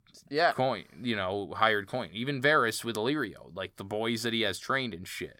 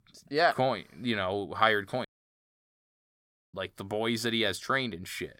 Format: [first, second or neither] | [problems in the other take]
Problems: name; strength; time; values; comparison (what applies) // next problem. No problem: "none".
first | audio cutting out; at 2 s for 1.5 s